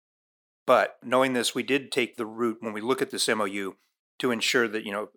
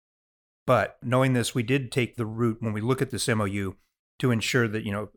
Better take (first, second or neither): second